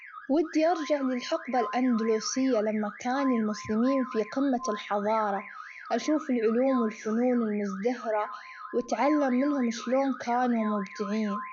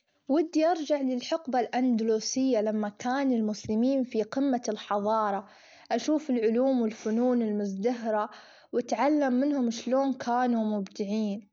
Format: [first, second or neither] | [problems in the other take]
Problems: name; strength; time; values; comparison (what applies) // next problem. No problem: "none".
second | noise reduction (classical method log-MMSE)